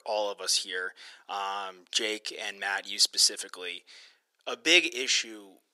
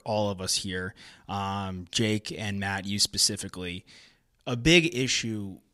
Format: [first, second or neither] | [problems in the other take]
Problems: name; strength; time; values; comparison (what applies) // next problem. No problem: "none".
second | thin; very; fading below 400 Hz